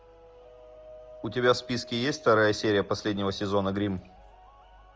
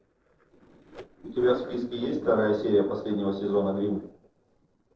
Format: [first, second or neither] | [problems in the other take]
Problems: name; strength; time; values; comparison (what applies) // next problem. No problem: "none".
first | noise reduction (neural separator model SepFormer DNS4)